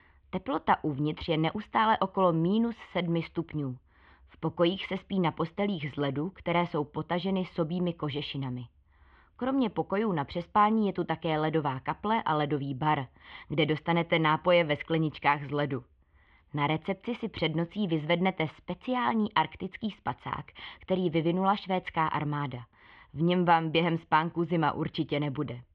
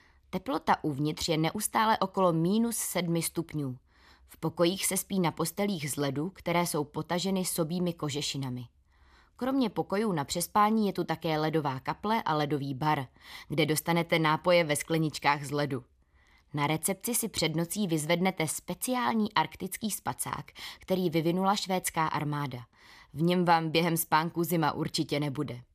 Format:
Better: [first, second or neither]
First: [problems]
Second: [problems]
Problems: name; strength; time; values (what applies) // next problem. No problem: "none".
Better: second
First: muffled; very; fading above 3 kHz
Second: none